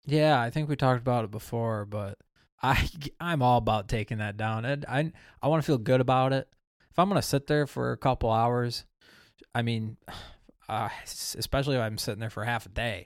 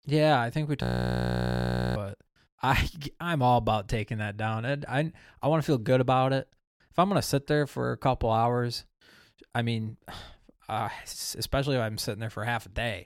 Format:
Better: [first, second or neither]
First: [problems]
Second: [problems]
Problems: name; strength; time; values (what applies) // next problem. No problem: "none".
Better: first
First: none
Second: audio freezing; at 1 s for 1 s